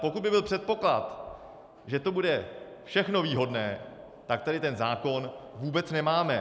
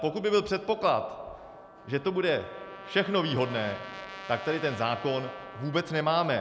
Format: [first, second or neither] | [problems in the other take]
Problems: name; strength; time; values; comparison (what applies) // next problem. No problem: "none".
first | background sound (Trumpet); 16 dB below the speech